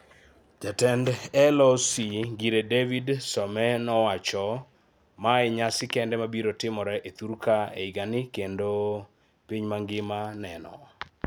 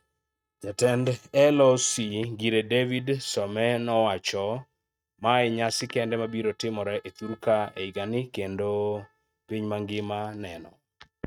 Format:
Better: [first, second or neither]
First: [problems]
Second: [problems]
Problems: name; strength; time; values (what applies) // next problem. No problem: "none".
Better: first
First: none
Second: noise reduction (neural mask model RNNoise)